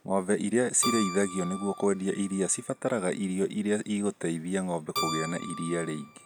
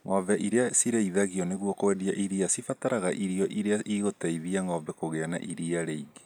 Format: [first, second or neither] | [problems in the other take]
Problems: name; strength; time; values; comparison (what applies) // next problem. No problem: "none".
second | background sound (Keyboard (musical)); 11 dB below the speech